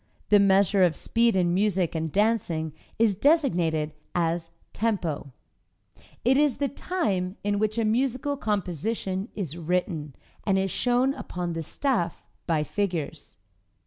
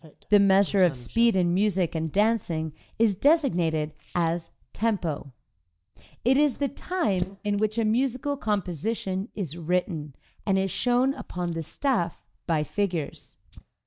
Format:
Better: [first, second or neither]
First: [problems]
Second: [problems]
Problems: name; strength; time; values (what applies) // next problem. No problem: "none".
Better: first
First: none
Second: noise reduction (neural mask model DeepFilterNet 3)